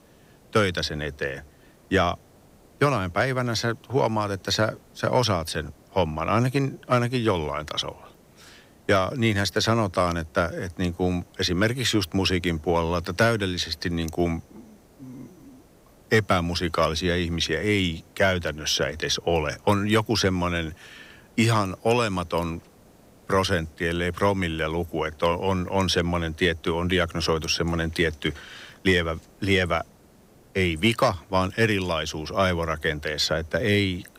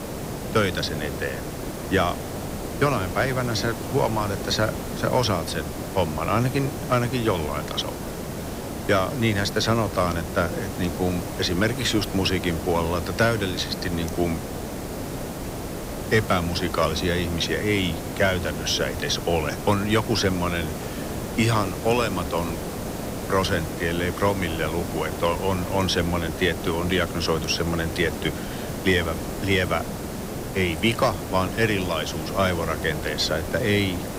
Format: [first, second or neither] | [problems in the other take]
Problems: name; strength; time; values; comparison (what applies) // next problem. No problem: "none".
first | hiss; loud; throughout; 7 dB below the speech; faint in the first